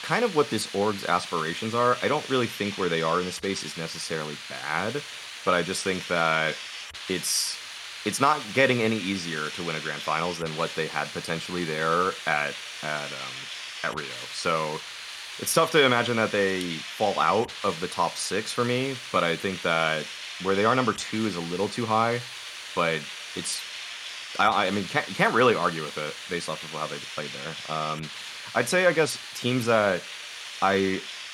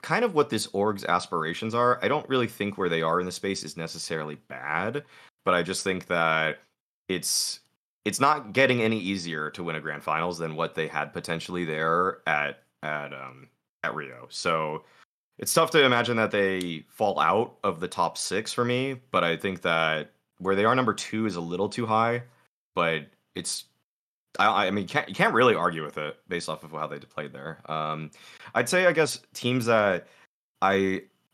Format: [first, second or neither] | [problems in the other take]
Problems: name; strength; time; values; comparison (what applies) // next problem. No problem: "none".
second | hiss; loud; throughout; 9 dB below the speech